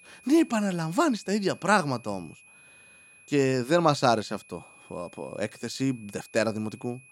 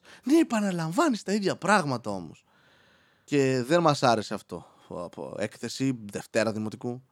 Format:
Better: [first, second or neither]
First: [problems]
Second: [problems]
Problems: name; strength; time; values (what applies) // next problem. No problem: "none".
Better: second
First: high-pitched whine; faint; throughout; 2.5 kHz, 25 dB below the speech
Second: none